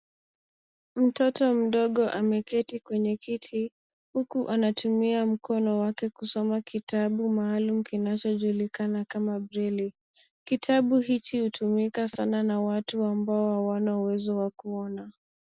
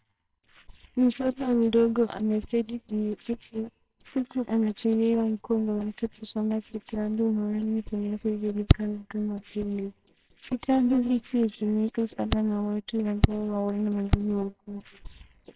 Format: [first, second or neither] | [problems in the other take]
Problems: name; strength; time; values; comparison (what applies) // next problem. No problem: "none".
first | noise reduction (neural separator model SepFormer WHAMR!)